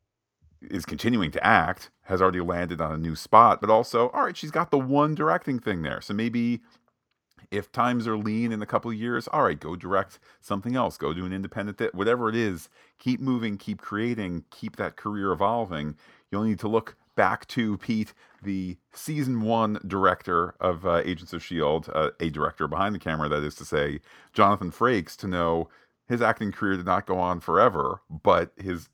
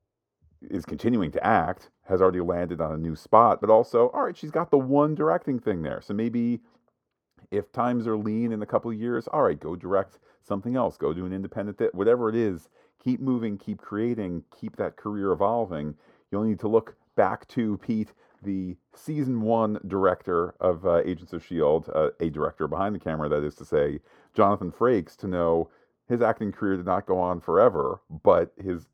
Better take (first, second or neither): first